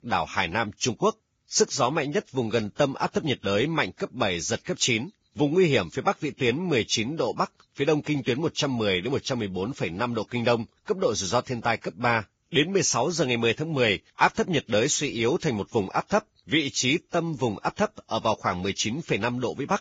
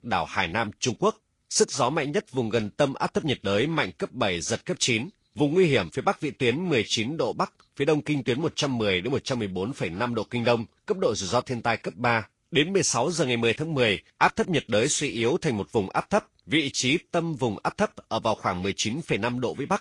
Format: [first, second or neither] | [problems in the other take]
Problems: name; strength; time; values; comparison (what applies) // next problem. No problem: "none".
second | garbled, watery; badly; nothing above 7.5 kHz; slightly in the second